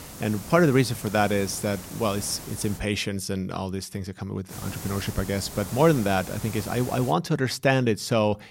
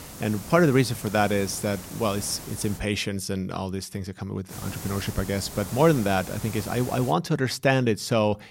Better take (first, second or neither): neither